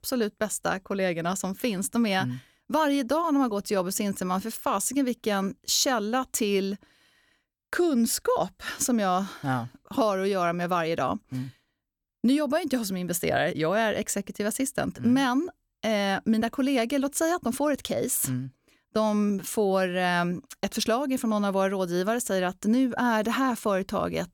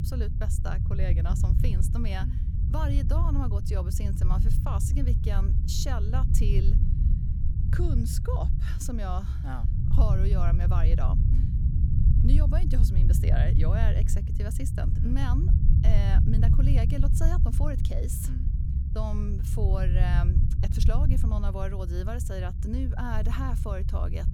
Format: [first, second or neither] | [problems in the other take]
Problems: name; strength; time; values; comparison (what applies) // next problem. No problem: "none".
first | low rumble; loud; throughout; 3 dB below the speech